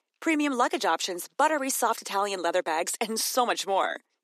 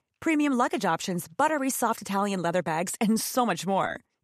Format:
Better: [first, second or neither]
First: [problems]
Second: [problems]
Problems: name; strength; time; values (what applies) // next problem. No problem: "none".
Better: second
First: thin; very slightly; fading below 300 Hz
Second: none